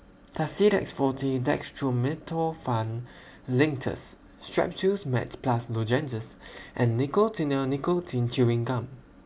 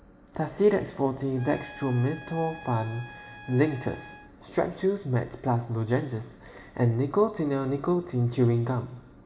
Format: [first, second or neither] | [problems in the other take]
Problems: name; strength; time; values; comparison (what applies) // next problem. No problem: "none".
first | background sound (Trumpet); 19 dB below the speech // room echo; dies away in 1.3 s